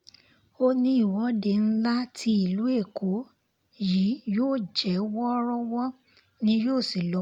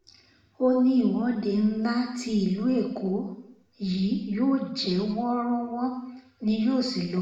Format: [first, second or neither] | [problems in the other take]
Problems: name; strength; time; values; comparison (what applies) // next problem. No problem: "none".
first | room echo; dies away in 0.8 s